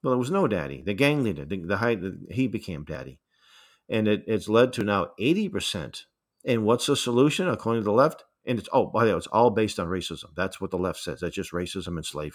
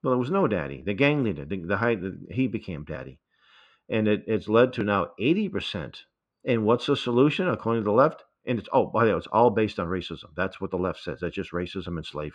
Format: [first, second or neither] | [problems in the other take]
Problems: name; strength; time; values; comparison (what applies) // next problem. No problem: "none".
first | muffled; slightly; fading above 2.5 kHz